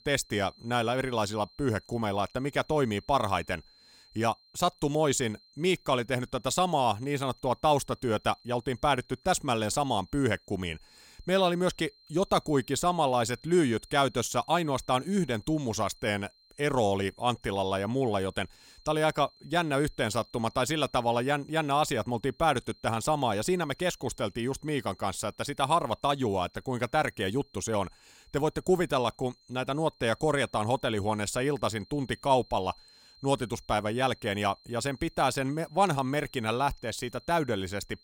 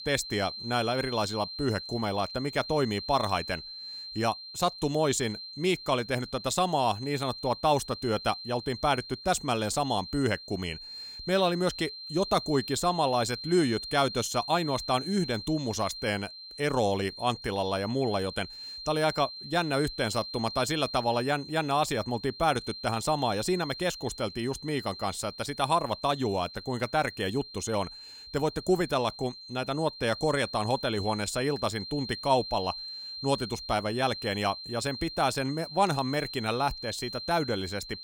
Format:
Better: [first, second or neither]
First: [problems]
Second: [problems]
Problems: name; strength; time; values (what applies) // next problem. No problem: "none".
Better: first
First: high-pitched whine; faint; throughout; 4 kHz, 30 dB below the speech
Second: high-pitched whine; loud; throughout; 4 kHz, 10 dB below the speech